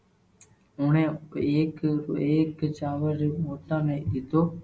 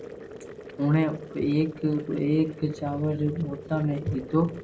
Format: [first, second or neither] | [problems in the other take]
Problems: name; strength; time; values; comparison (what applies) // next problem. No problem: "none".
first | background sound (Boiling); 15 dB below the speech